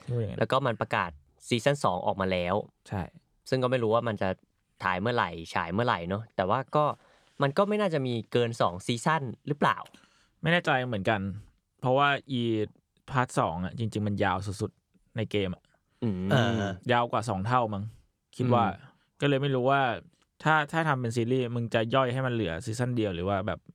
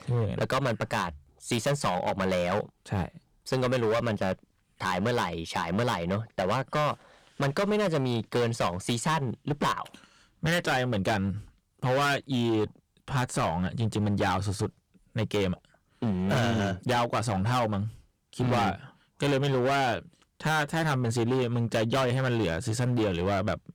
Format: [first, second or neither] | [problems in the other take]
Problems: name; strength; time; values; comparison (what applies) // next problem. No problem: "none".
first | distortion; heavy; 16% of the sound clipped